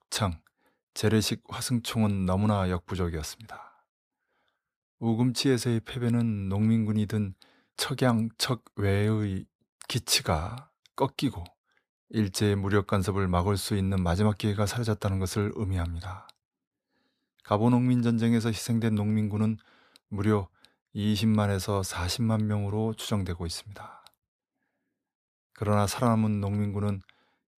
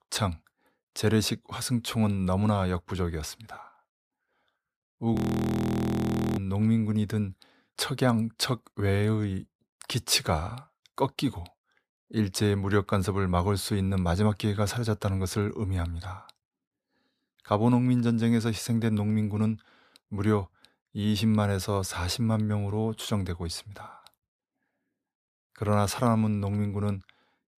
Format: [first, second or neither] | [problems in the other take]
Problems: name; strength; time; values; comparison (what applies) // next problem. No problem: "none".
first | audio freezing; at 5 s for 1 s